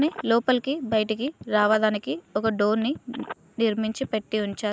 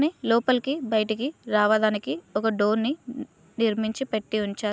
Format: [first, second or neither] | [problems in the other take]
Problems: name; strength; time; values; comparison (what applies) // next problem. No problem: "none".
second | noise reduction (neural mask model Resemble Enhance denoiser)